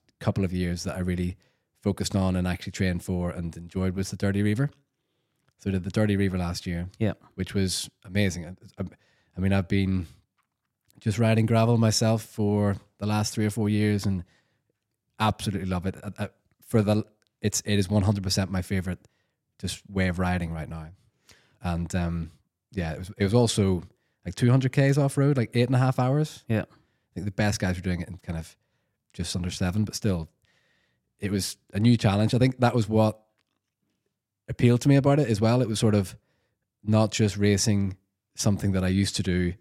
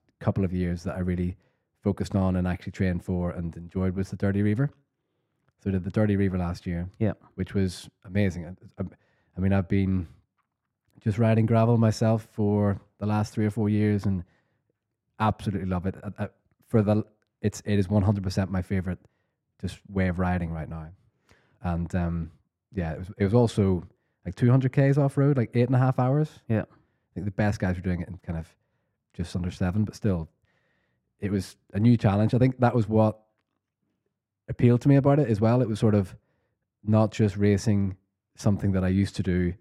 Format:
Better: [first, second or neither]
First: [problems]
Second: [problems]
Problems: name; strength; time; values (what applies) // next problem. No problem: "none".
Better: first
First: none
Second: muffled; slightly; fading above 2.5 kHz